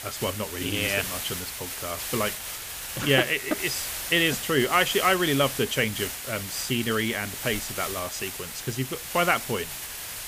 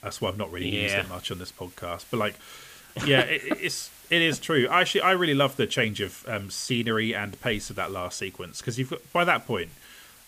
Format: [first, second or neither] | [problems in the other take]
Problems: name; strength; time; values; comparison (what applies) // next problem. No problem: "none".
second | hiss; loud; throughout; 6 dB below the speech; faint in the second